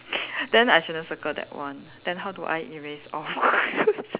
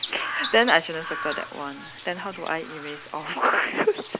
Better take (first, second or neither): first